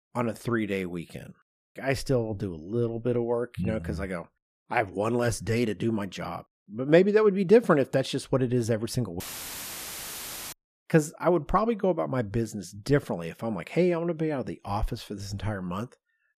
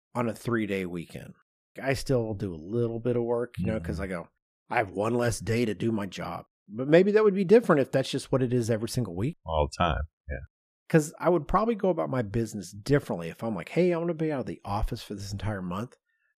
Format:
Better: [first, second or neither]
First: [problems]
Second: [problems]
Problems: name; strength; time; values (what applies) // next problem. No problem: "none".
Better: second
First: audio cutting out; filled with static; at 9 s for 1.5 s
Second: none